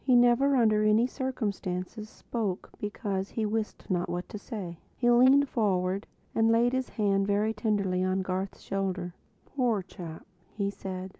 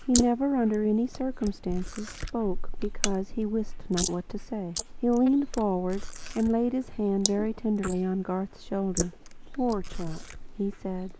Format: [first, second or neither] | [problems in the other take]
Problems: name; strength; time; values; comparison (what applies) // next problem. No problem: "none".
first | noise reduction (neural mask model Resemble Enhance denoiser)